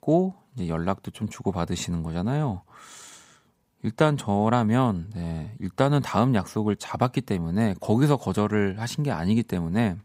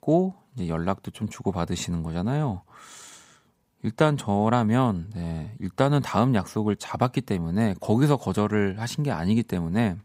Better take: neither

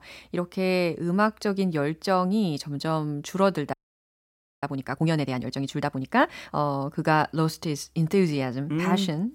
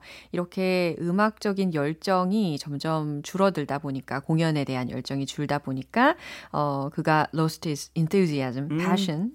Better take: second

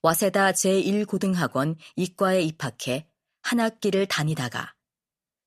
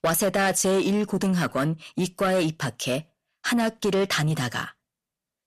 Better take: first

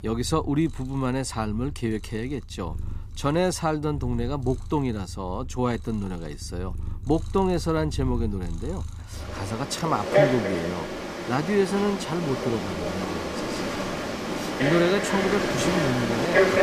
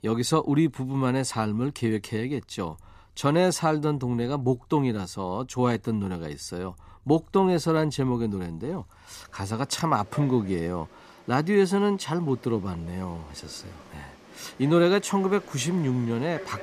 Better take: second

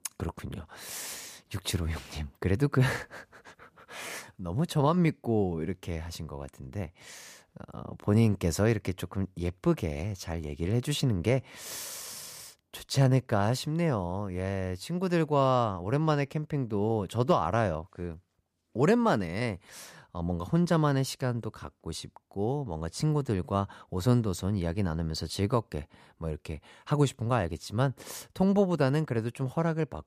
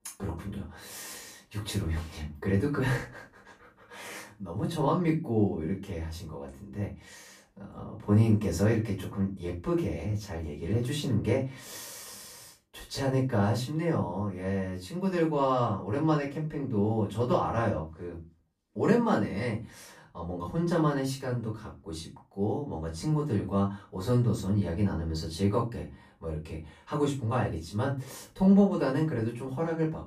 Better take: first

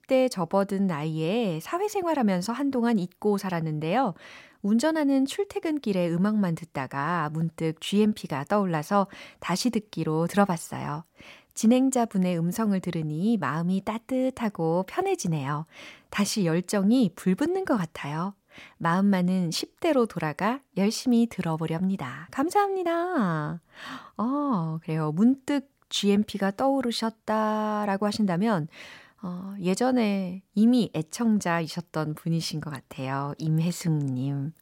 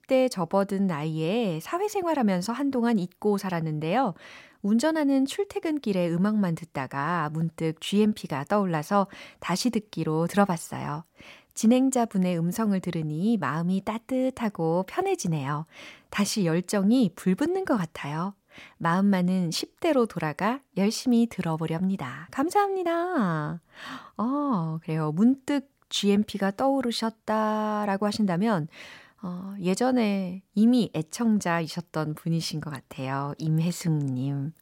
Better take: neither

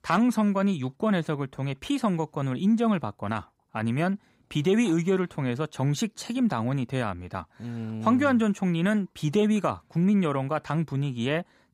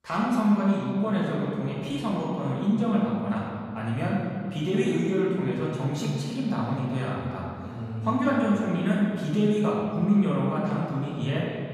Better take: first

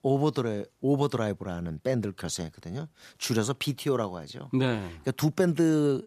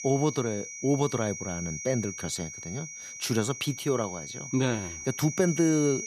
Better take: first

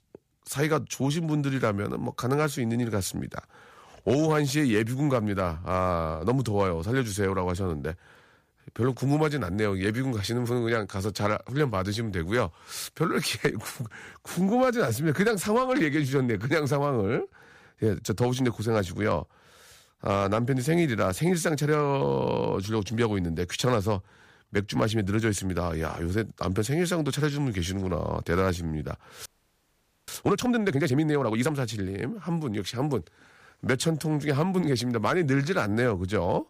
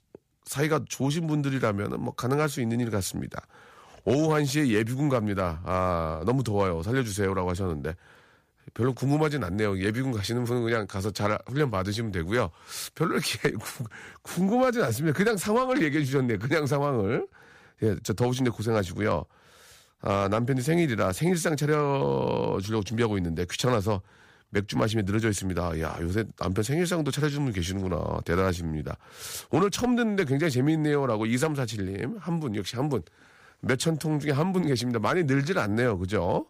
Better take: second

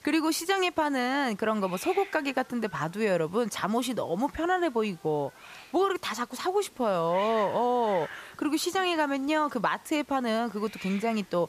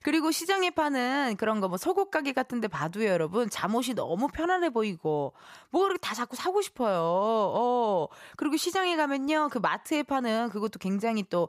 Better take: second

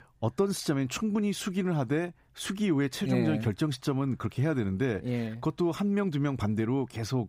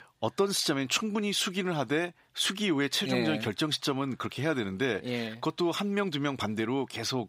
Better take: first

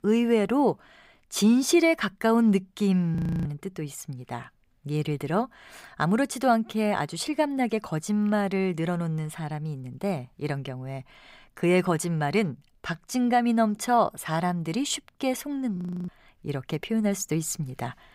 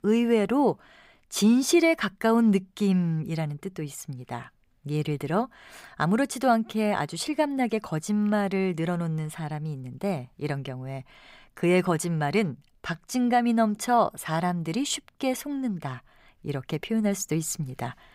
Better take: second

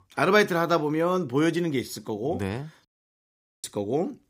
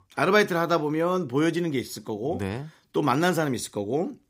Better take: second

